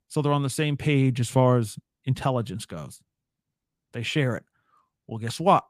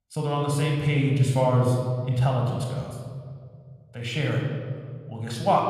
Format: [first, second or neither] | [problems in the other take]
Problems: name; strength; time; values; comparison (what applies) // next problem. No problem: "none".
first | off-mic speech; somewhat distant // room echo; noticeable; dies away in 1.8 s